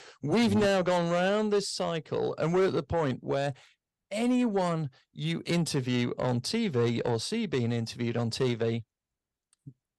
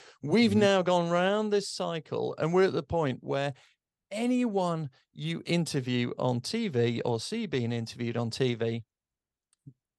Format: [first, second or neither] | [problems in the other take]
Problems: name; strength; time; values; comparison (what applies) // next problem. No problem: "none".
second | distortion; slight; 10 dB below the speech